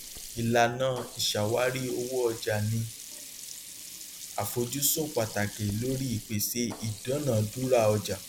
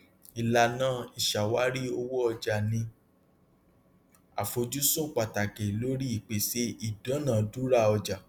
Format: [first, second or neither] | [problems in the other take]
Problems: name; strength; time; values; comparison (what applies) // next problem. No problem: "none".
second | background sound (Sink (filling or washing)); 14 dB below the speech